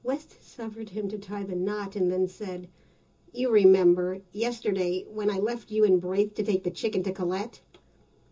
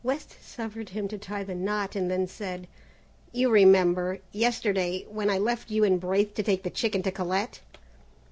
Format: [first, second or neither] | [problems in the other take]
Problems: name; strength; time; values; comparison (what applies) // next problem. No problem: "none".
second | room echo; dies away in 0.2 s